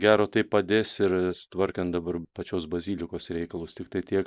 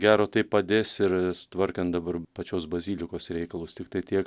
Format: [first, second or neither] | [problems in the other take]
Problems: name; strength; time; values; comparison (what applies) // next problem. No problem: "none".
second | noise reduction (neural mask model Resemble Enhance denoiser)